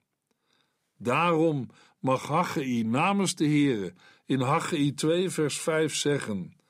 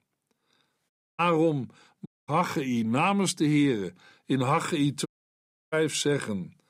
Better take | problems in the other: first | audio cutting out; at 1 s, at 2 s and at 5 s for 0.5 s

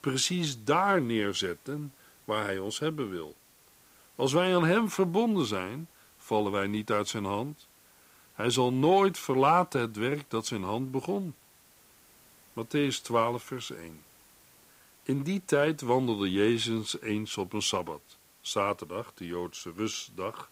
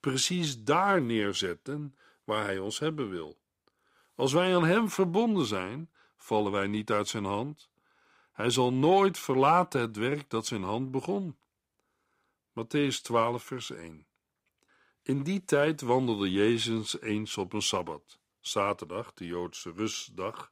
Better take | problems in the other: second | hiss; faint; throughout; 30 dB below the speech

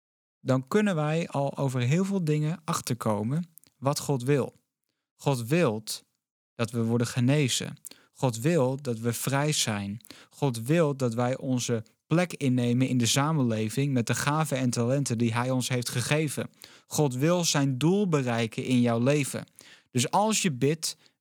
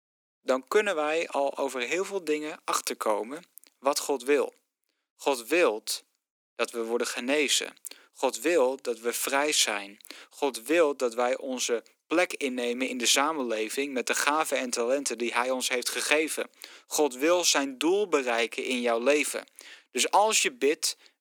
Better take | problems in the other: first | thin; somewhat; fading below 300 Hz

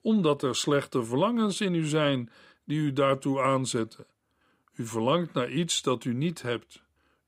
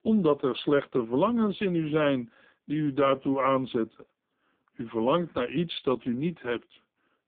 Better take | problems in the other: first | phone-call audio; poor line; nothing above 3.5 kHz

